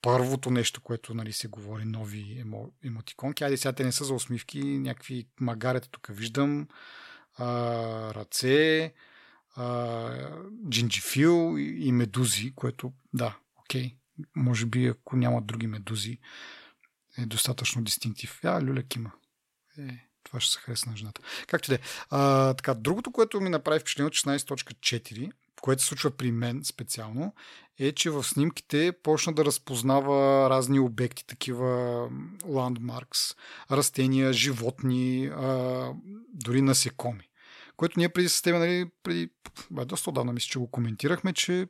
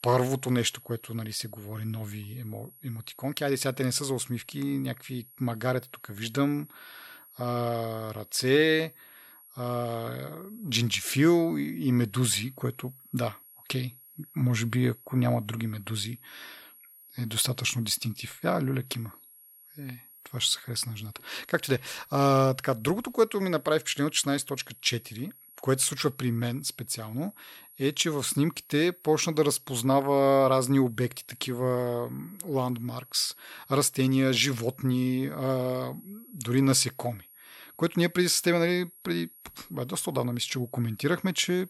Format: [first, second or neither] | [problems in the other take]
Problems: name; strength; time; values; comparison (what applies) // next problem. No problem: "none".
first | high-pitched whine; faint; throughout; 11.5 kHz, 25 dB below the speech